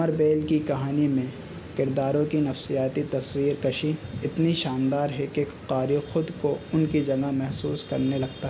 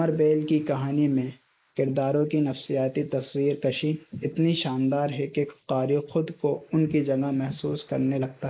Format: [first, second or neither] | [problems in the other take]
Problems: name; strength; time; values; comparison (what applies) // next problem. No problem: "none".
first | noise reduction (neural mask model Resemble Enhance denoiser)